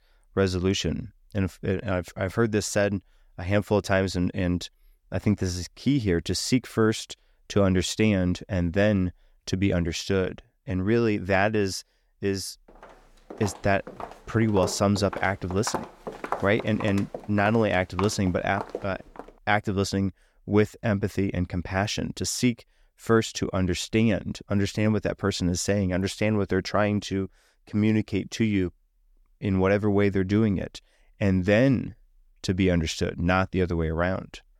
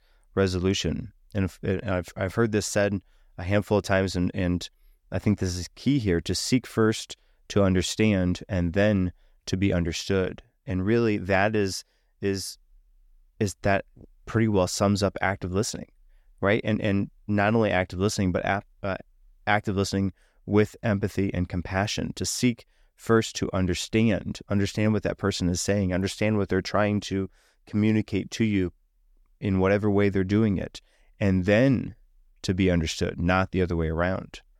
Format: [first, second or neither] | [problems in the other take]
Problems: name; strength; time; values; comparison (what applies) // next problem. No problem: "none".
second | footsteps; noticeable; from 13 to 19 s; peak 7 dB below the speech